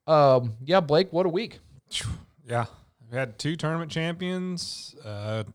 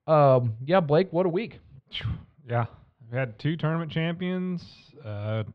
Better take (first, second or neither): first